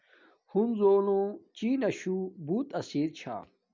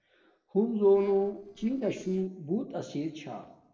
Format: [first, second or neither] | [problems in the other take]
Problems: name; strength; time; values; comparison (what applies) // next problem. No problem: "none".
first | noise reduction (neural separator model SepFormer DNS4)